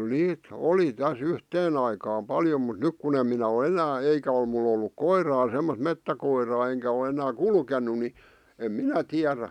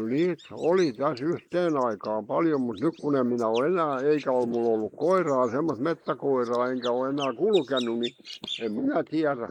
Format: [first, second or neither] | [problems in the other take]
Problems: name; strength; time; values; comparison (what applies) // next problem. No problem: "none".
first | noise reduction (neural mask model Resemble Enhance denoiser)